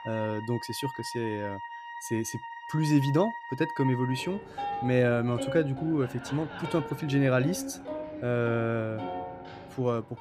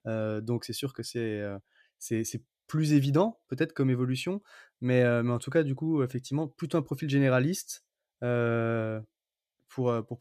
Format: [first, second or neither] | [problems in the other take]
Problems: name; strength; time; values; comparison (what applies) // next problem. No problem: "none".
second | background music; loud; throughout; 9 dB below the speech